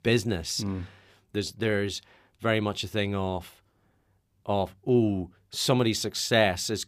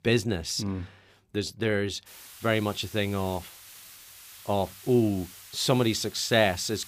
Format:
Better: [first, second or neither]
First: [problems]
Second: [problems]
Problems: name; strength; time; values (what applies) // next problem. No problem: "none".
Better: first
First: none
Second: hiss; noticeable; from 2 s on; 20 dB below the speech